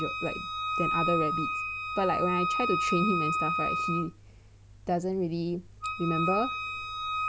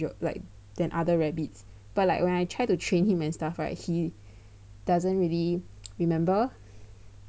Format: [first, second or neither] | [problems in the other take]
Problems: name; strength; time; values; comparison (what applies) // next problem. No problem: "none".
second | background sound (Wind instrument, woodwind instrument); as loud as the speech